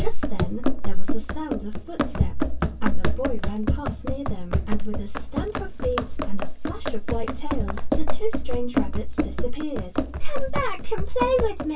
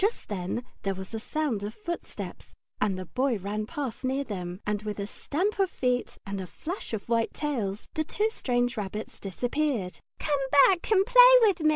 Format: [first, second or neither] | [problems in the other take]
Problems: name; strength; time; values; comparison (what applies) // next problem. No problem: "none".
second | background sound (Run); 9 dB below the speech // room echo; dies away in 0.1 s